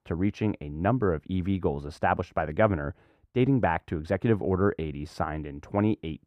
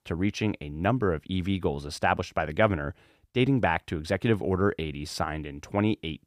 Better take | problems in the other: second | muffled; slightly; fading above 2.5 kHz

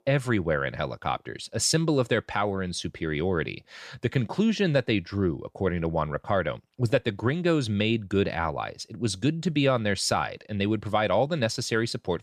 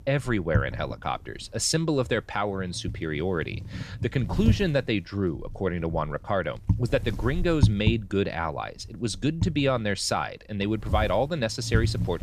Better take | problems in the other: first | wind noise on the microphone; occasional gusts; 15 dB below the speech

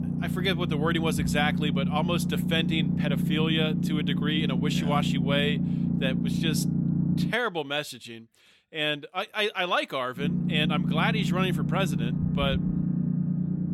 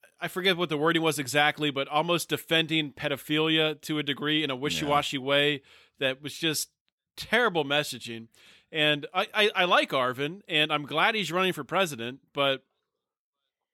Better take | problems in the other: second | low rumble; loud; until 7.5 s and from 10 s on; 7 dB below the speech

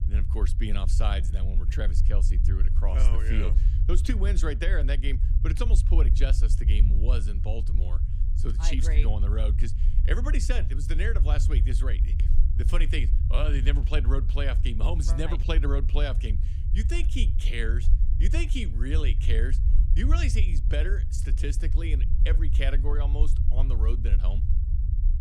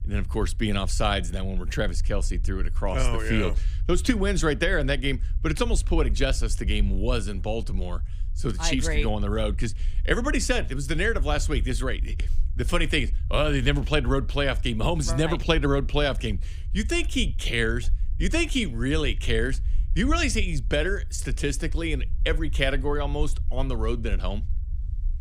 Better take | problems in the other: second | low rumble; loud; throughout; 9 dB below the speech; faint in the second

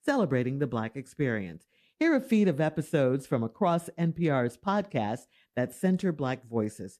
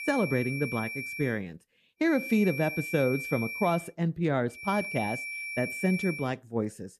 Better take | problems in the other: first | high-pitched whine; loud; until 1.5 s, from 2 to 4 s and from 4.5 to 6 s; 2.5 kHz, 6 dB below the speech

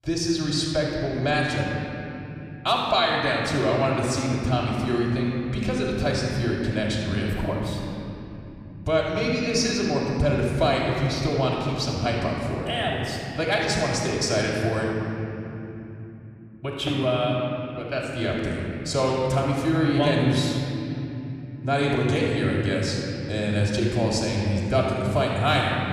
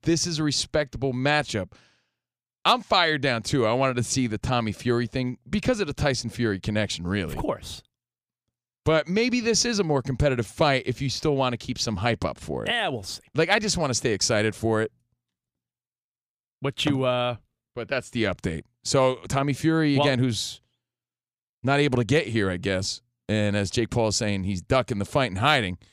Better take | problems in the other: second | off-mic speech; far // room echo; noticeable; dies away in 3 s

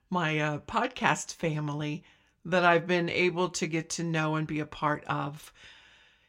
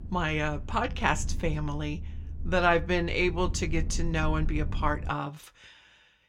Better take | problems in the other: first | low rumble; faint; until 5 s; 20 dB below the speech

